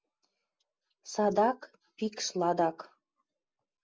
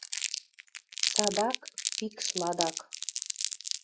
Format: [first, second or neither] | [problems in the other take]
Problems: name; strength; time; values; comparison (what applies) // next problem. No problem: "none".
first | noise reduction (classical method log-MMSE)